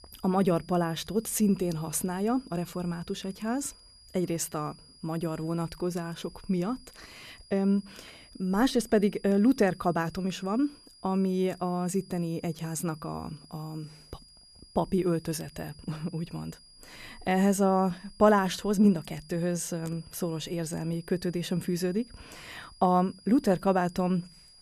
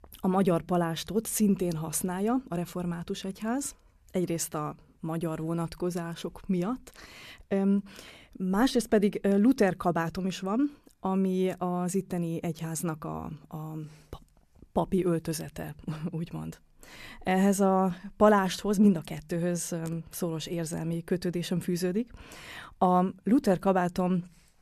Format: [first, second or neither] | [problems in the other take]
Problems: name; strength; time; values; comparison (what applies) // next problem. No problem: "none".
second | high-pitched whine; faint; throughout; 5 kHz, 25 dB below the speech